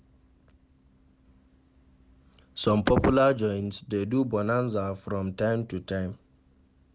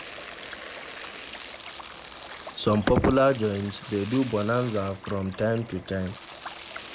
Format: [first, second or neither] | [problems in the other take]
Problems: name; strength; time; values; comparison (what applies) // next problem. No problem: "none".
first | background sound (Domestic sounds, home sounds + Liquid); 14 dB below the speech